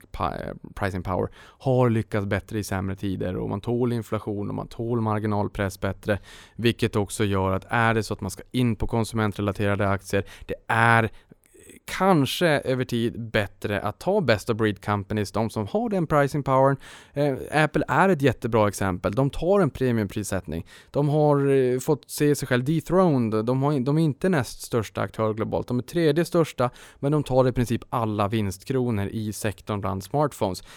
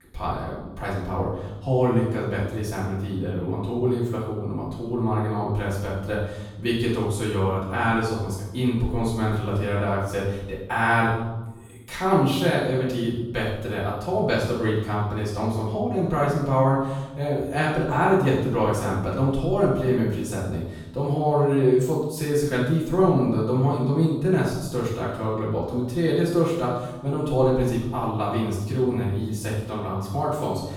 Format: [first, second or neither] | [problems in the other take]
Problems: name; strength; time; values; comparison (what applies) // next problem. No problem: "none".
first | off-mic speech; far // room echo; noticeable; dies away in 0.9 s